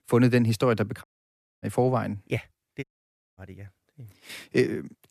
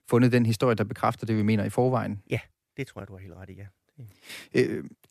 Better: second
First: audio cutting out; at 1 s for 0.5 s and at 3 s for 0.5 s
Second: none

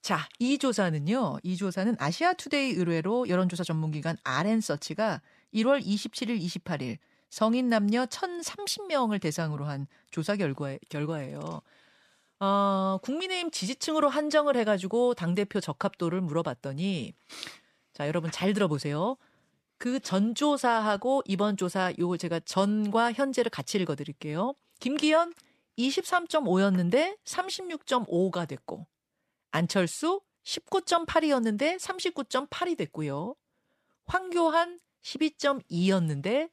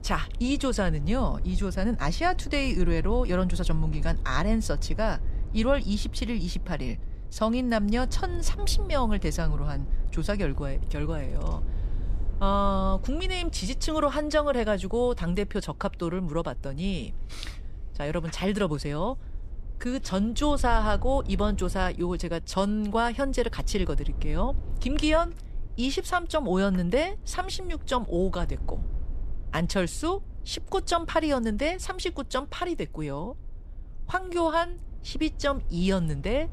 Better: first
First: none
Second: low rumble; faint; throughout; 25 dB below the speech

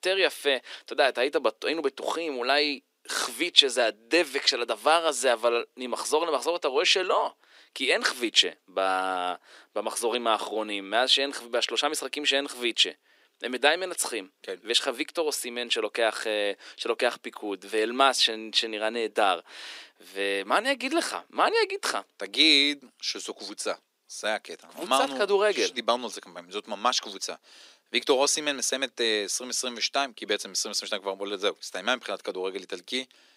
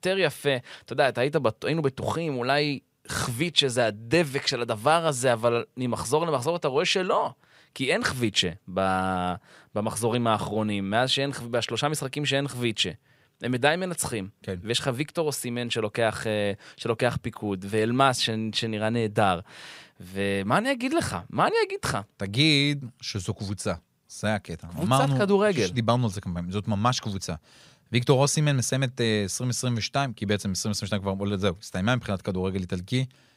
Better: second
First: thin; somewhat; fading below 300 Hz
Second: none

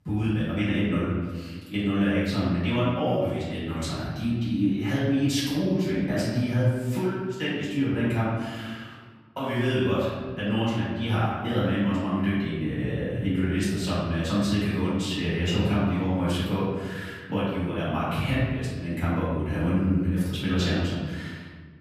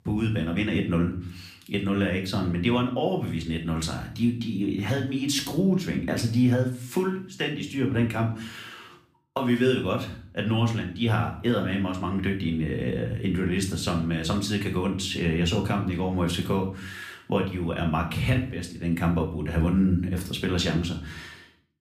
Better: second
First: room echo; strong; dies away in 1.4 s // off-mic speech; far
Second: room echo; slight; dies away in 0.4 s // off-mic speech; somewhat distant

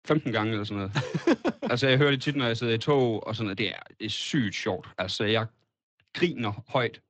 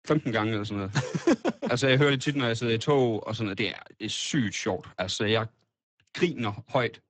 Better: first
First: garbled, watery; slightly; nothing above 8 kHz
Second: garbled, watery; badly; nothing above 8 kHz

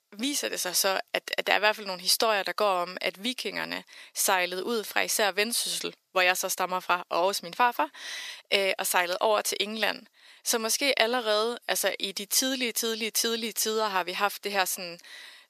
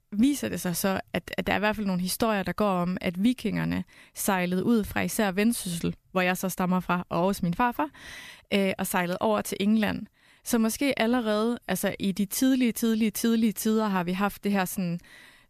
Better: second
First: thin; very; fading below 400 Hz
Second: none

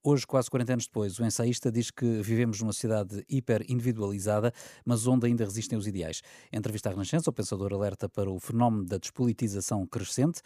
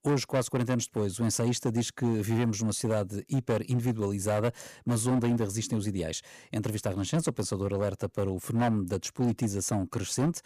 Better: first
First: none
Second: distortion; slight; 10% of the sound clipped

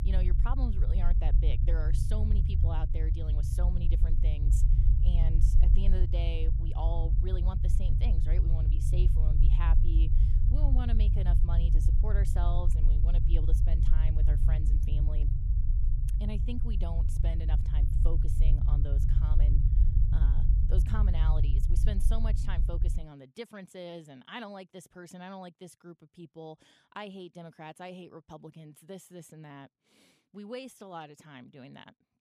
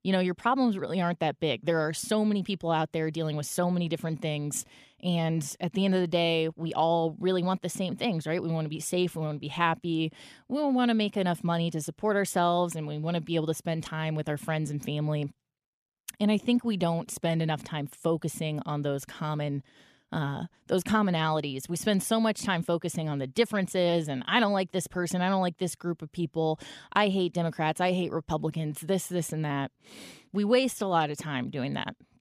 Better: second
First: low rumble; loud; until 23 s; 2 dB below the speech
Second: none

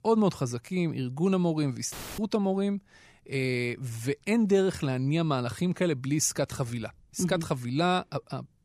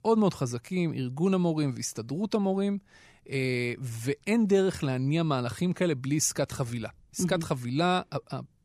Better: second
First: audio cutting out; filled with static; at 2 s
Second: none

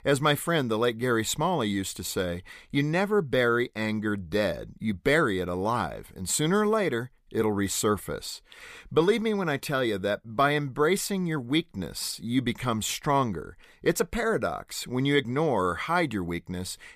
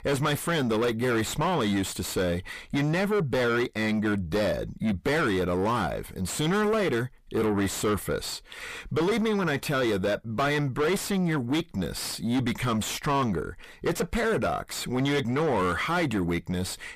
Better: first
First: none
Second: distortion; heavy; 6 dB below the speech

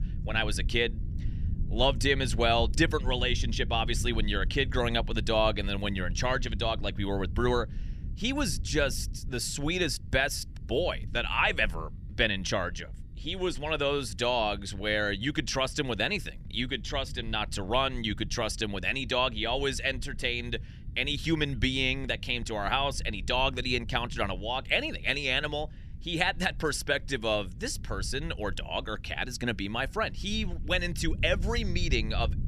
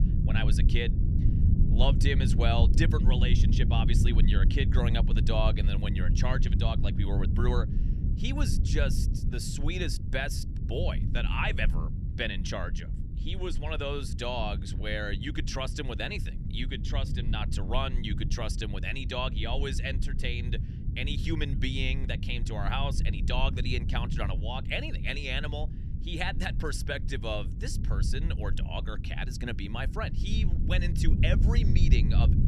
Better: first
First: low rumble; faint; throughout; 25 dB below the speech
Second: low rumble; loud; throughout; 9 dB below the speech

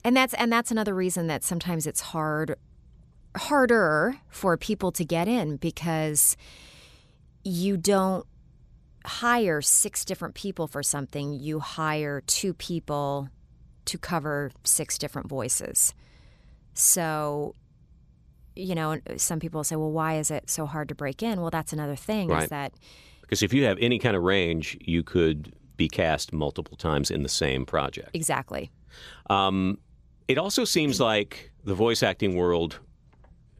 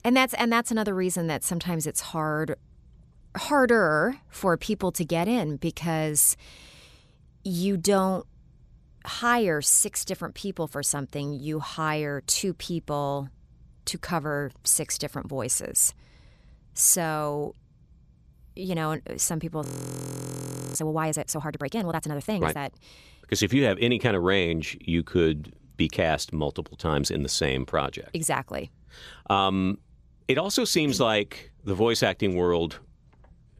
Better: first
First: none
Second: audio freezing; at 20 s for 1 s

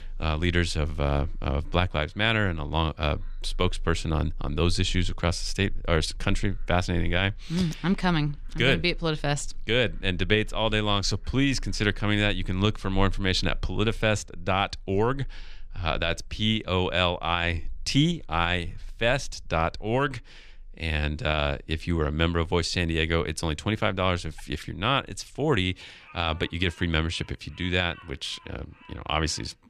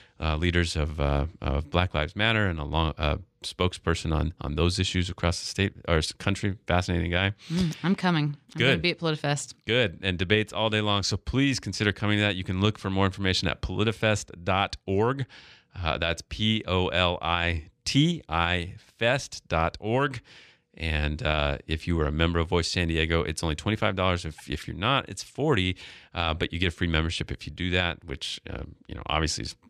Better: second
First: animal sounds; noticeable; throughout; 20 dB below the speech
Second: none

